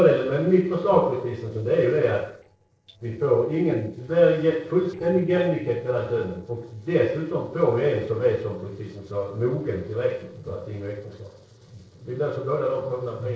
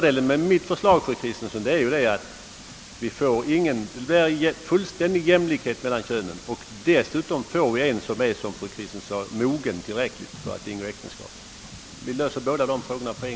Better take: second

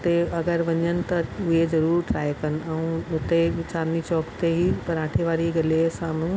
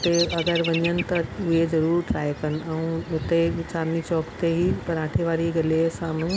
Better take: first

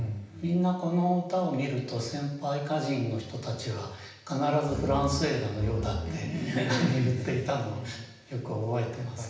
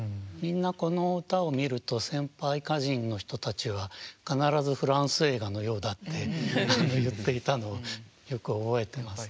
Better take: second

